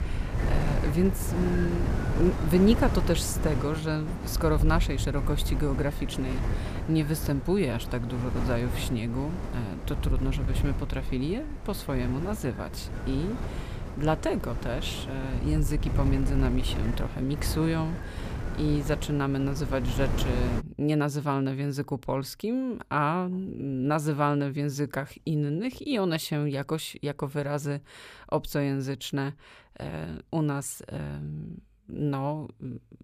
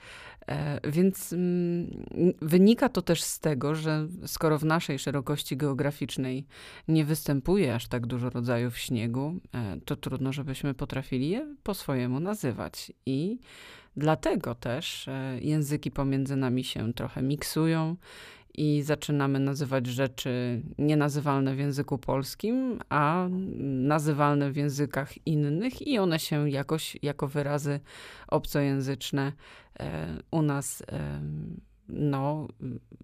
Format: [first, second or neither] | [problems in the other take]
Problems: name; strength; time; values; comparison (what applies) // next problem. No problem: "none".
second | wind noise on the microphone; heavy; until 21 s; 8 dB below the speech